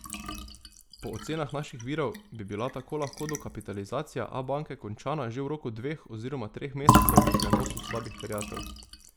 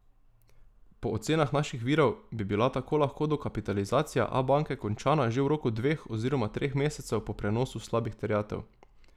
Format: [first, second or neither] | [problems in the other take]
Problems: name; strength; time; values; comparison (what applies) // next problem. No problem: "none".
second | background sound (Fill (with liquid)); 5 dB above the speech